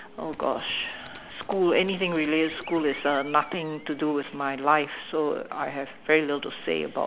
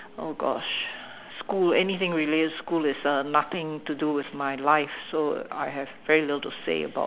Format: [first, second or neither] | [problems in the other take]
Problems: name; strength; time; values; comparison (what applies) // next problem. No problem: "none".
second | background sound (Animal + Tools); 19 dB below the speech